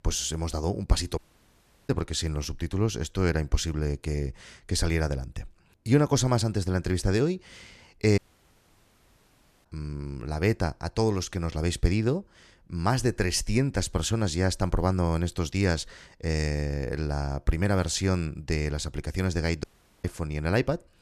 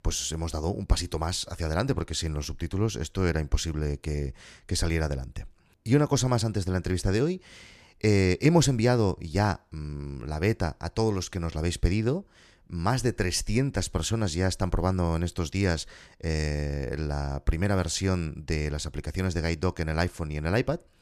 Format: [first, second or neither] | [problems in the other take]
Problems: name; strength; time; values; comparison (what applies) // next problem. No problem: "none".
second | audio cutting out; at 1 s for 0.5 s, at 8 s for 1.5 s and at 20 s